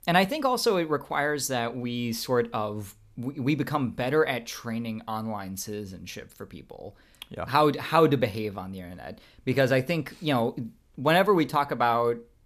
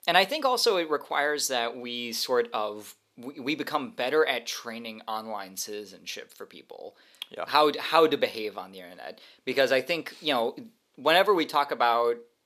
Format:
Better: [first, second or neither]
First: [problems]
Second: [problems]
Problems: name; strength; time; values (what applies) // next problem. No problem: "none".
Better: first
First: none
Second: thin; somewhat; fading below 400 Hz